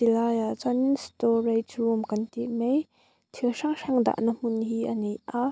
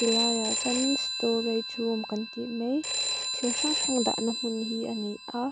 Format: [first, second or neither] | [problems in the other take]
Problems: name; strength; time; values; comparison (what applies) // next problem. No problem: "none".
first | background sound (Telephone); 2 dB below the speech